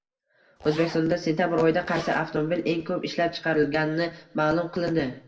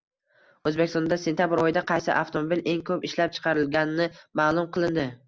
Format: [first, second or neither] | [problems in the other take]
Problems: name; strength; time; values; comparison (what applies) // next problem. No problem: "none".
second | background sound (Zipper (clothing)); 17 dB below the speech // room echo; dies away in 0.7 s